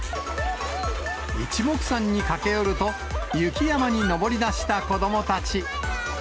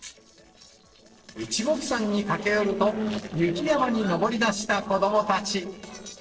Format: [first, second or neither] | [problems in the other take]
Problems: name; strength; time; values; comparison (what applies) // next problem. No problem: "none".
first | noise reduction (neural separator model SepFormer DNS4)